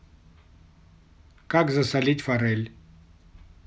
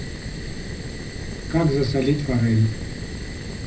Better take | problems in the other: first | background sound (Fire); 7 dB below the speech // room echo; dies away in 0.4 s

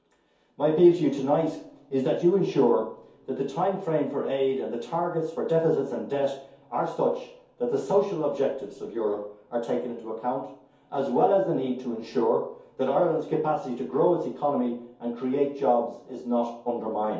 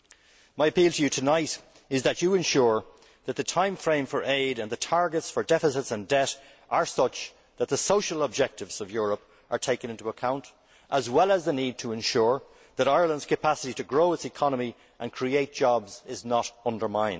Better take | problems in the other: second | room echo; dies away in 0.6 s

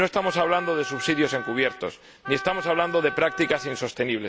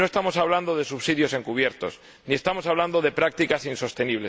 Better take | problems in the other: second | background sound (Wind instrument, woodwind instrument); 10 dB below the speech

